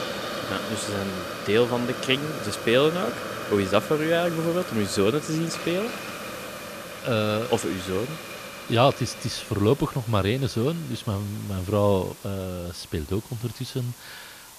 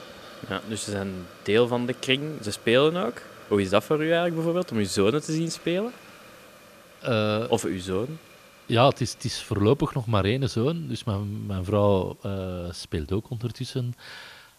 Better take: second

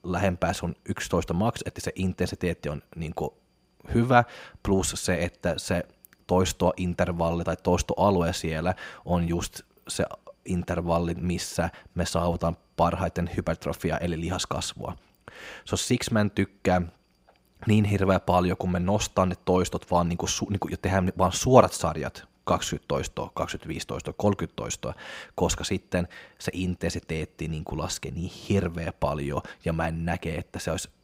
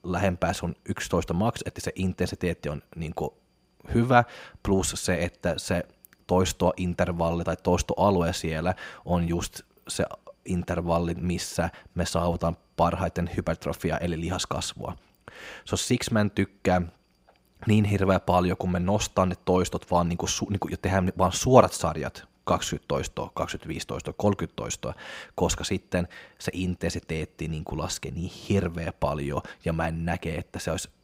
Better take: neither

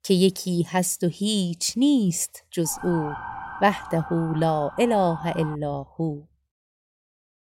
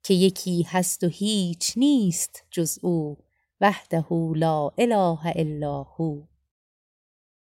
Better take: second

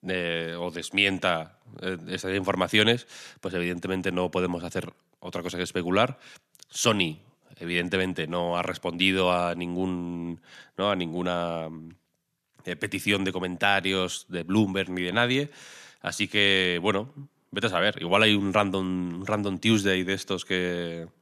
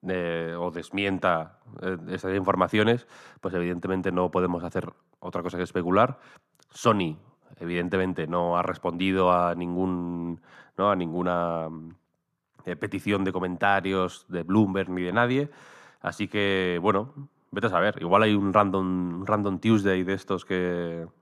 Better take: first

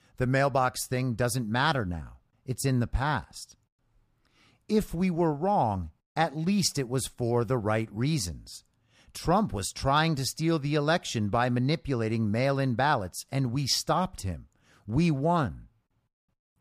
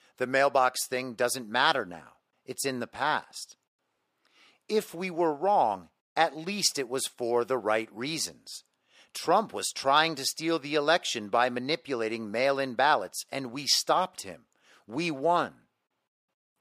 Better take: first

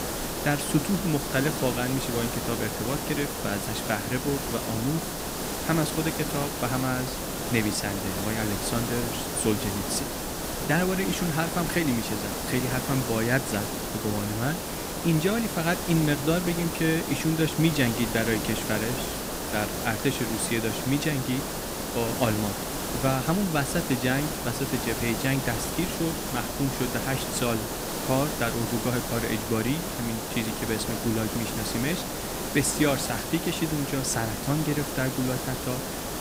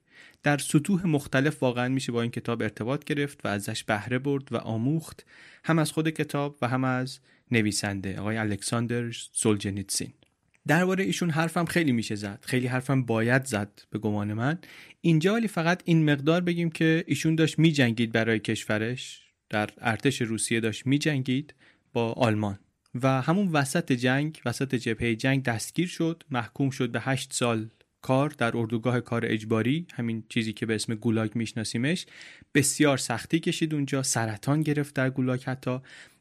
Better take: second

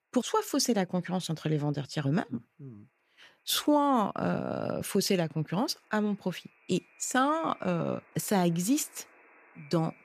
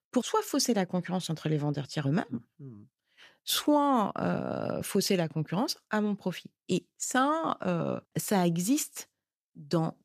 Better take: second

